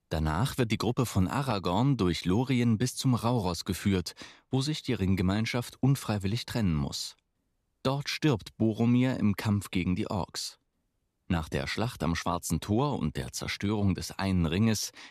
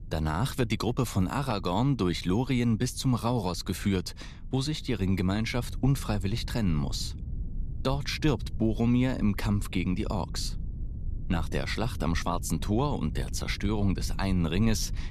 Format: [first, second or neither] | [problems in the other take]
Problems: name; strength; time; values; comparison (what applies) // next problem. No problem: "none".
first | low rumble; faint; throughout; 20 dB below the speech